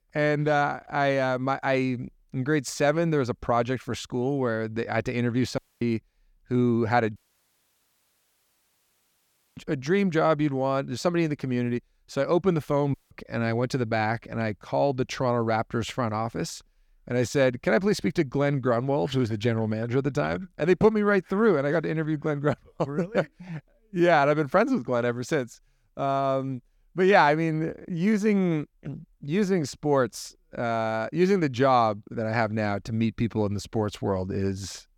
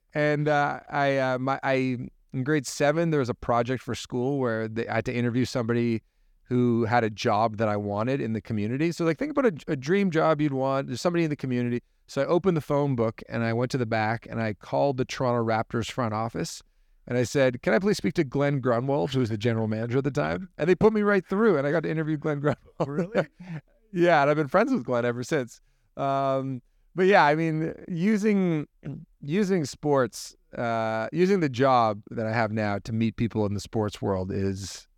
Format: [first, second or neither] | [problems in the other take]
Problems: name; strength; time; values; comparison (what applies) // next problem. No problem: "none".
second | audio cutting out; at 5.5 s, at 7 s for 2.5 s and at 13 s